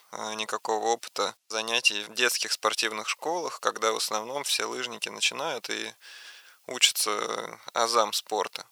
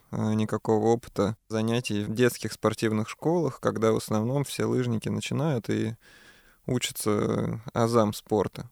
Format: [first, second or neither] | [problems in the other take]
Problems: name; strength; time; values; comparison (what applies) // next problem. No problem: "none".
second | thin; very; fading below 800 Hz